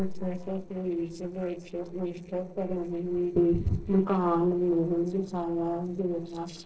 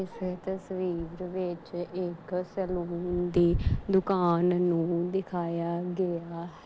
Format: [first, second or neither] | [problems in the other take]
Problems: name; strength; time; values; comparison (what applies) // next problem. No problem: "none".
second | noise reduction (neural separator model SepFormer DNS4)